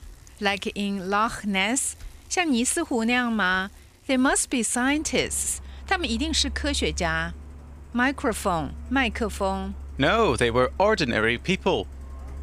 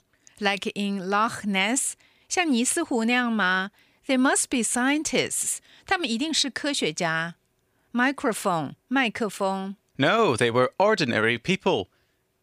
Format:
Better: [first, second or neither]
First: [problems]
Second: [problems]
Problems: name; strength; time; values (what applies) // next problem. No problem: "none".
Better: second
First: traffic noise; noticeable; throughout; 15 dB below the speech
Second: none